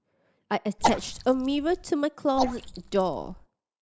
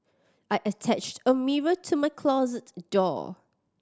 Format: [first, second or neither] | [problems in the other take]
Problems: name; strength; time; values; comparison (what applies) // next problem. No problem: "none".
second | noise reduction (neural mask model Resemble Enhance denoiser)